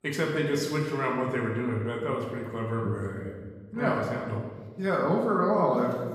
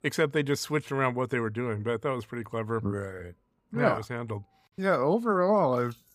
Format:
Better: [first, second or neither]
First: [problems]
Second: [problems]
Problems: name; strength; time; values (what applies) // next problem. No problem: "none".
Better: second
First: room echo; noticeable; dies away in 1.3 s // off-mic speech; far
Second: none